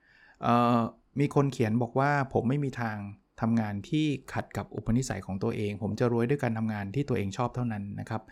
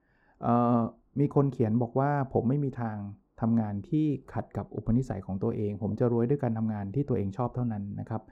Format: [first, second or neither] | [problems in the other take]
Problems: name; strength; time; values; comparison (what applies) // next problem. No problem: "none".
first | muffled; very; fading above 1 kHz